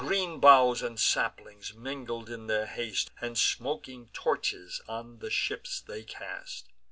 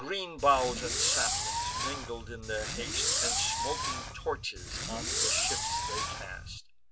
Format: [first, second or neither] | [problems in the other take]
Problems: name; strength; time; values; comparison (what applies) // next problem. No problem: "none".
first | background sound (Fireworks); 3 dB above the speech